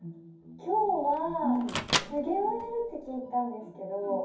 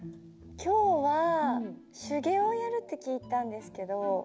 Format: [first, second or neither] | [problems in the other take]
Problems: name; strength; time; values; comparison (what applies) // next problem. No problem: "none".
second | background sound (Microwave oven); 6 dB below the speech // room echo; dies away in 0.6 s